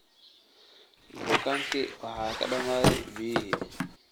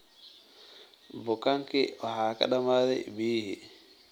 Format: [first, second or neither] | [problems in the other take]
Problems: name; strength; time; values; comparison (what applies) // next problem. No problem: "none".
second | background sound (Squeak); 3 dB above the speech